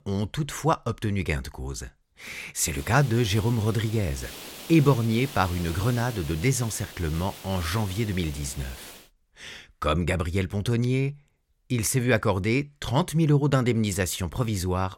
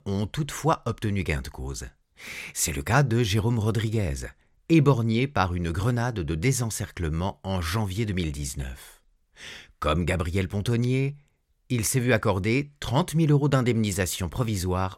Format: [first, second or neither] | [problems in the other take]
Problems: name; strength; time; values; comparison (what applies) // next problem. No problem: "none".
second | hiss; noticeable; from 2.5 to 9 s; 15 dB below the speech